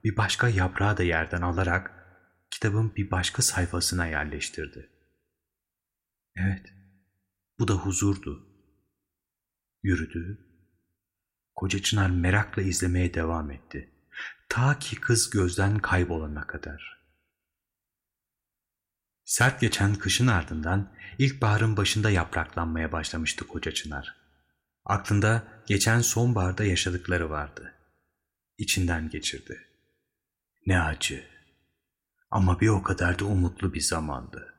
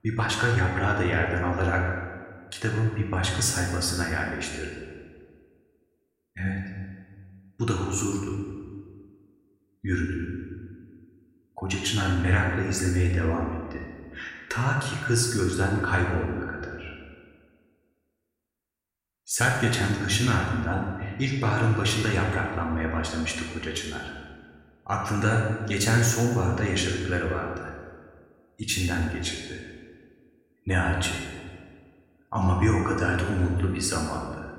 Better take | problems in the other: first | room echo; noticeable; dies away in 1.3 s // off-mic speech; somewhat distant

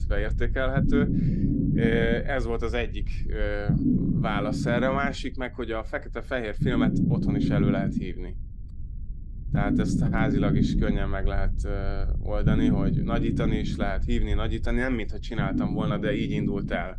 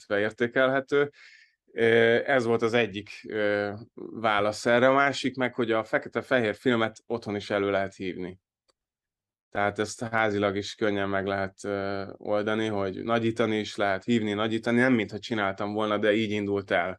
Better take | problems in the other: second | low rumble; loud; throughout; 2 dB below the speech

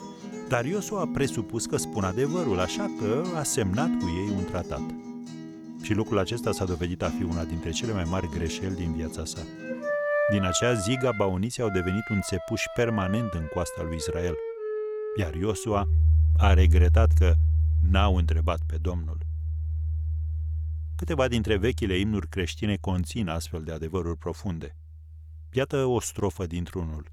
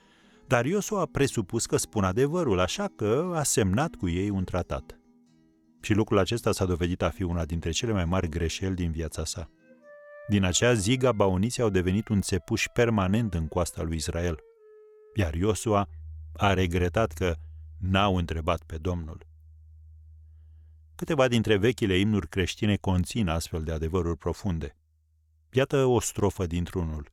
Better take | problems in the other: second | background music; loud; throughout; 1 dB below the speech; faint in the second

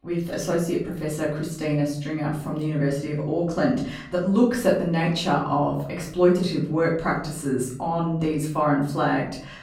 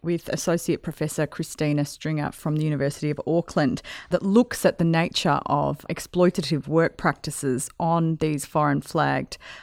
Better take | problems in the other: second | off-mic speech; far // room echo; noticeable; dies away in 0.6 s

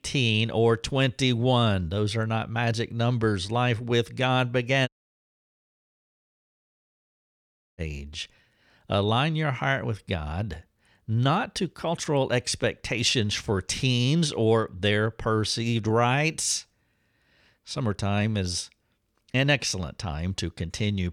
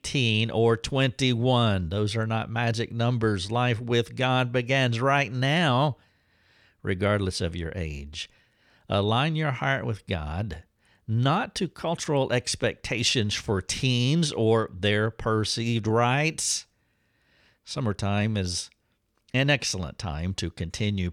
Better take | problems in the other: second | audio cutting out; at 5 s for 3 s

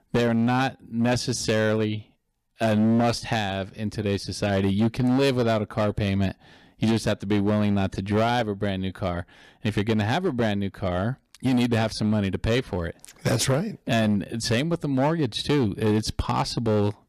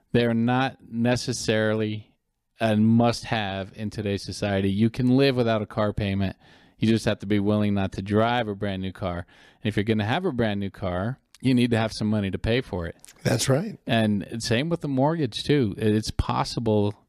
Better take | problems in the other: second | distortion; slight; 9% of the sound clipped

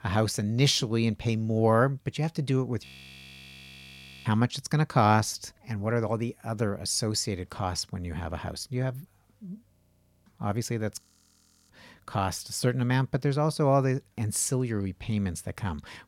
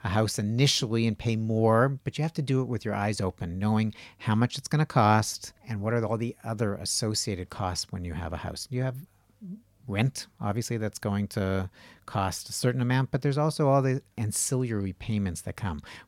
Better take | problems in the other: second | audio freezing; at 3 s for 1.5 s, at 9.5 s for 0.5 s and at 11 s for 0.5 s

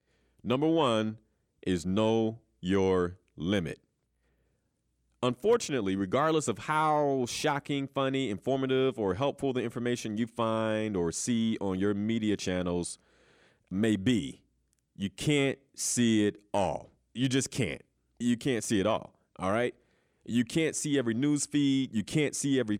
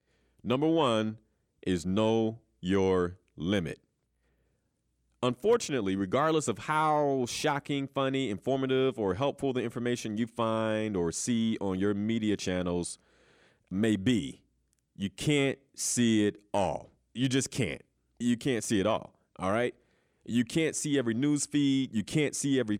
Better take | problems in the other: neither | none

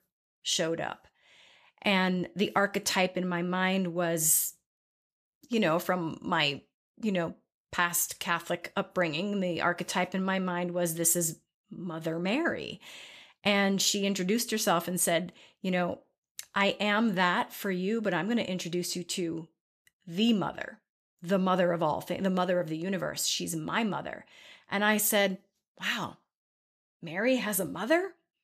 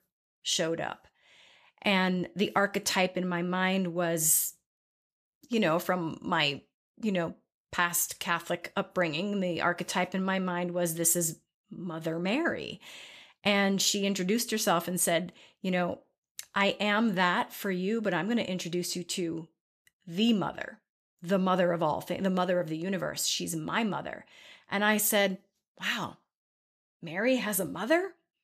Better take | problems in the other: neither | none

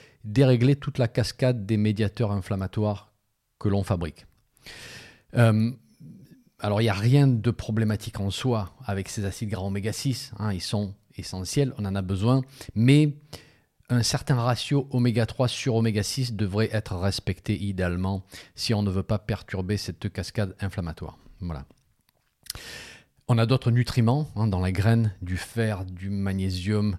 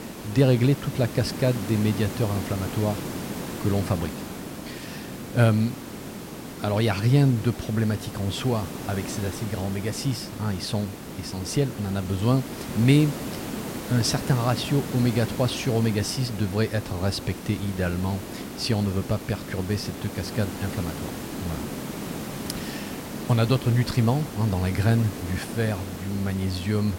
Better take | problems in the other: first | hiss; loud; throughout; 9 dB below the speech

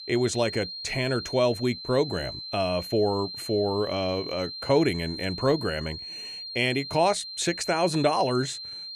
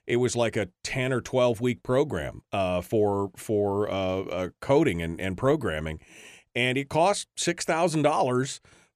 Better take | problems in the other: second | high-pitched whine; loud; throughout; 4 kHz, 9 dB below the speech

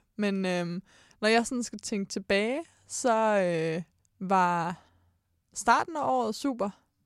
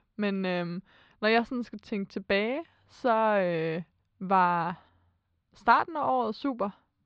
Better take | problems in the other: first | muffled; slightly; fading above 4 kHz

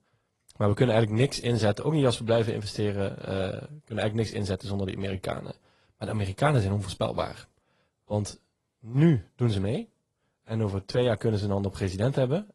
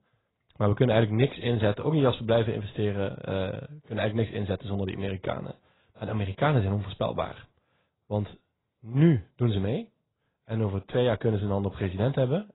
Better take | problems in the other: first | garbled, watery; badly; nothing above 4 kHz; slightly in the first

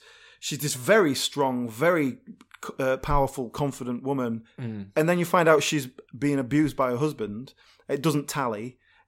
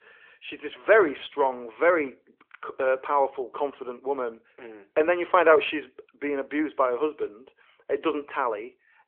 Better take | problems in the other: first | phone-call audio; nothing above 3.5 kHz

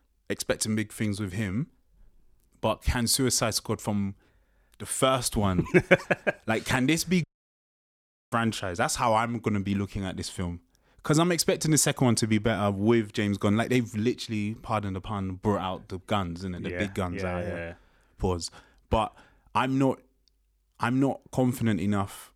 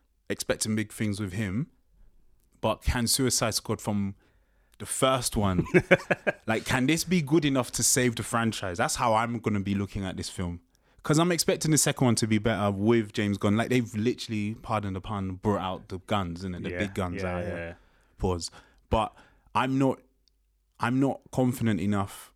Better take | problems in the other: second | audio cutting out; at 7 s for 1 s

